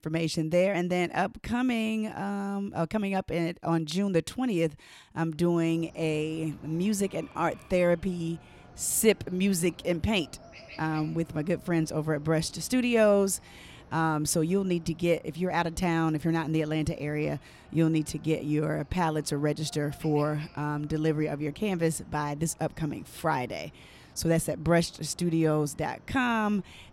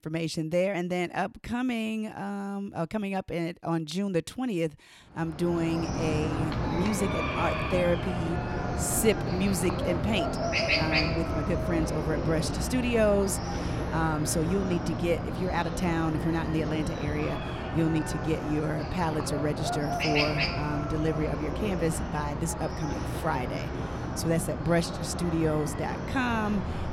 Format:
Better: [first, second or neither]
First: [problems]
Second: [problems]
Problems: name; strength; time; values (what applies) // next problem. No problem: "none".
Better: first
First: animal sounds; faint; from 5.5 s on; 25 dB below the speech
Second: animal sounds; loud; from 5.5 s on; 1 dB below the speech